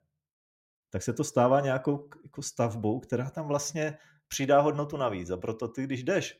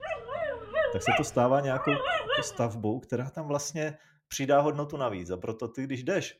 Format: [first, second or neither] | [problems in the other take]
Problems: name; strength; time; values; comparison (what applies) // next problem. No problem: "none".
first | dog barking; loud; until 2.5 s; peak 4 dB above the speech